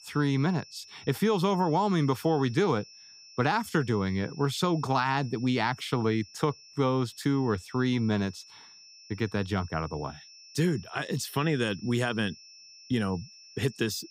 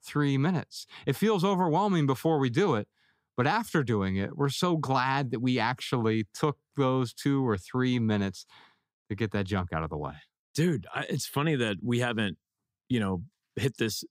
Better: second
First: high-pitched whine; faint; throughout; 5.5 kHz, 20 dB below the speech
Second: none

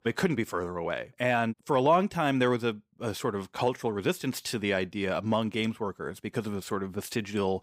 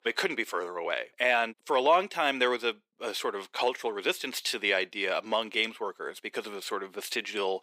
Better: first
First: none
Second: thin; somewhat; fading below 400 Hz

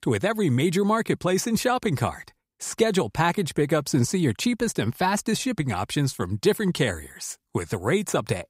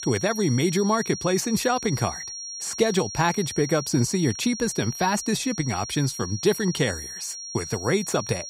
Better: first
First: none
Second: high-pitched whine; loud; throughout; 5.5 kHz, 9 dB below the speech

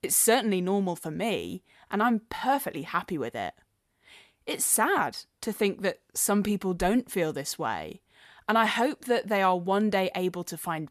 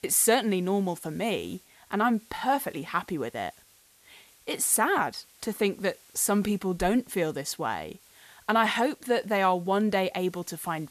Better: first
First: none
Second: hiss; faint; throughout; 30 dB below the speech

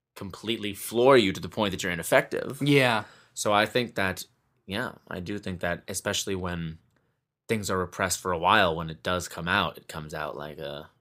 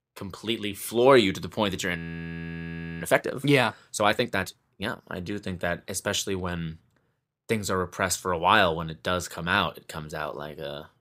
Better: first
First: none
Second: audio freezing; at 2 s for 1 s

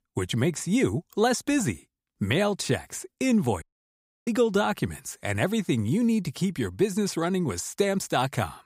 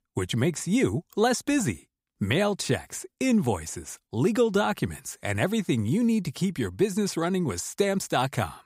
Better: second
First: audio cutting out; at 3.5 s for 0.5 s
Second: none

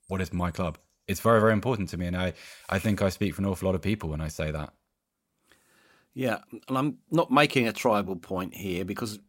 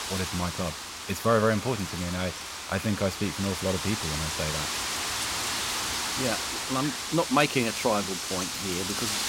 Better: first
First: none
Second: wind noise on the microphone; heavy; 1 dB below the speech

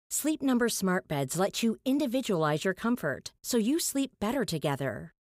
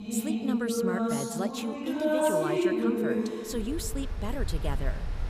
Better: first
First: none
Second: rain or running water; very loud; throughout; 5 dB above the speech

